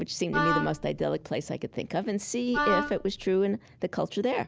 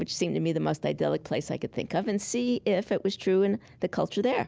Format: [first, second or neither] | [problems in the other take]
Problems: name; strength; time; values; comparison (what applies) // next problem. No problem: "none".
second | background sound (Wind instrument, woodwind instrument); 2 dB below the speech